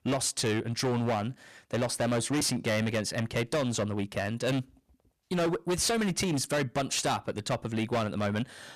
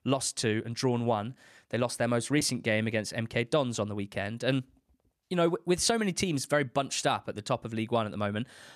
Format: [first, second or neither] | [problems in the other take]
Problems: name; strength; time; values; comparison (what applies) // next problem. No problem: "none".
second | distortion; heavy; 17% of the sound clipped